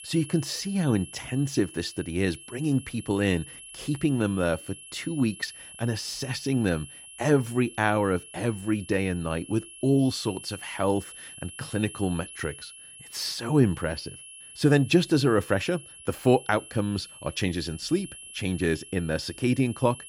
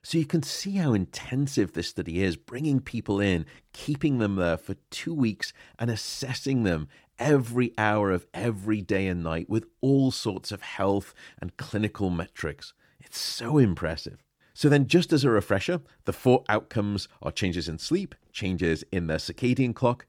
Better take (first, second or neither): second